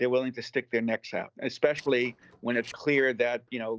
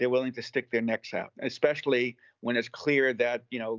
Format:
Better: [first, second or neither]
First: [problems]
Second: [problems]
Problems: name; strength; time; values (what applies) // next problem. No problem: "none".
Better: second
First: noise reduction (neural separator model SepFormer DNS4)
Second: none